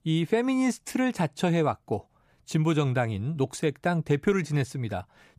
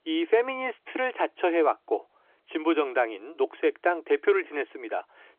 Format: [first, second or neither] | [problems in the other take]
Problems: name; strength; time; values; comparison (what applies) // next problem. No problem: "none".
first | phone-call audio; nothing above 3.5 kHz